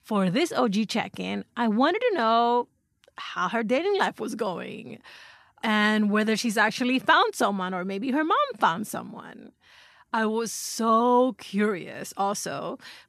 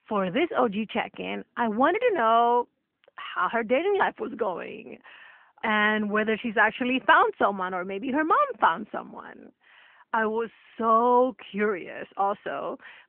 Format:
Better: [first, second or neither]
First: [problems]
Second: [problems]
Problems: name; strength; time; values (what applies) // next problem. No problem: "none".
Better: first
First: none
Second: phone-call audio; nothing above 3 kHz